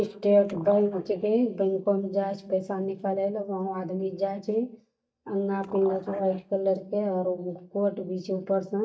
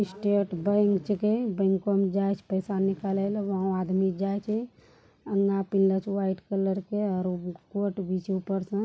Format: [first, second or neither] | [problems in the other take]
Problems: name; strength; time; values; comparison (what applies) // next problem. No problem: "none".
second | noise reduction (neural mask model DeepFilterNet 3)